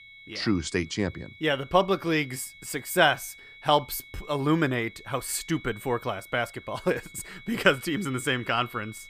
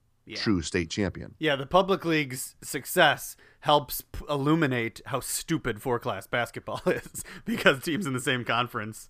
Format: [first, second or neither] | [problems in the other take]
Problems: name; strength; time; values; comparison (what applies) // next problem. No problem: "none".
second | high-pitched whine; noticeable; throughout; 2 kHz, 20 dB below the speech